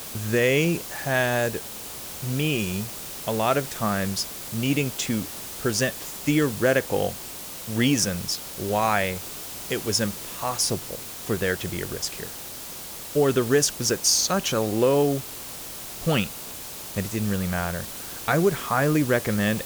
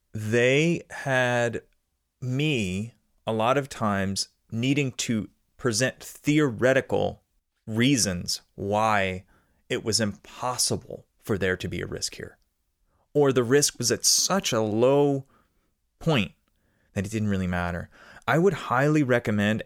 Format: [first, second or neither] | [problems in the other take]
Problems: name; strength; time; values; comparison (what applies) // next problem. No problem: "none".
second | hiss; loud; throughout; 8 dB below the speech